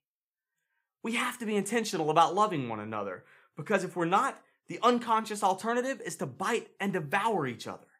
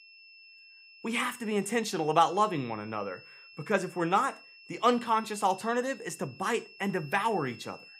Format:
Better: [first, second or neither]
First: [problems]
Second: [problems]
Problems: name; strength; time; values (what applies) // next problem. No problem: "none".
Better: first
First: none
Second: high-pitched whine; faint; throughout; 2.5 kHz, 20 dB below the speech